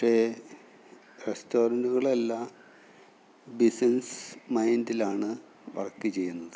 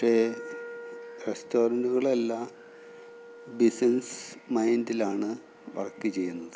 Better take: first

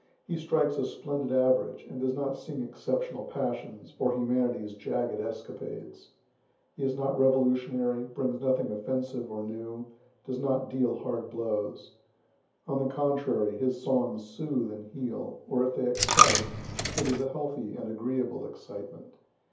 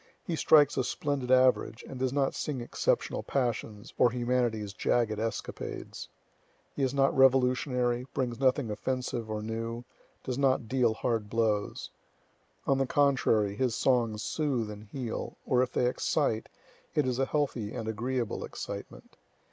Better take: second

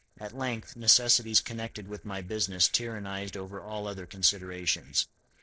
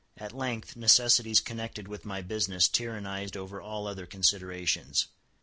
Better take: second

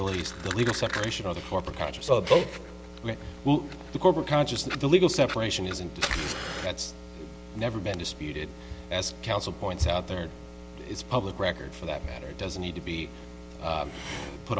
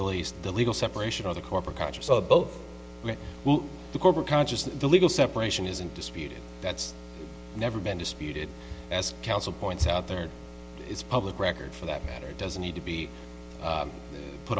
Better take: second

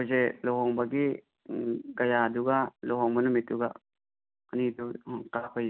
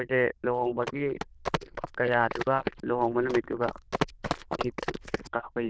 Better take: first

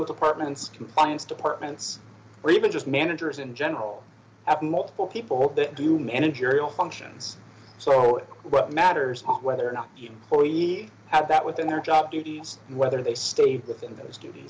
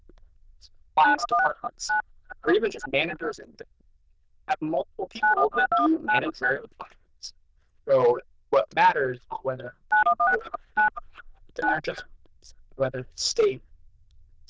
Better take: first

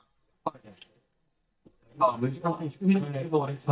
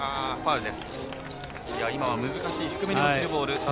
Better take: second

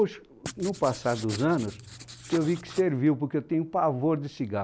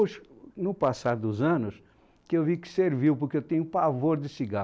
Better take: second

